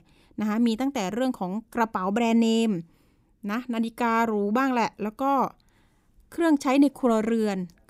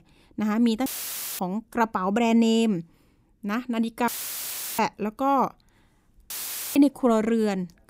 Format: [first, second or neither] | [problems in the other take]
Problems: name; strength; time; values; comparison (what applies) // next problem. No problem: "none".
first | audio cutting out; filled with static; at 1 s for 0.5 s, at 4 s for 0.5 s and at 6.5 s